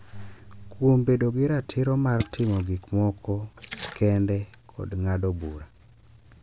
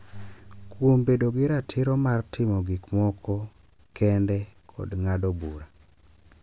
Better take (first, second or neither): second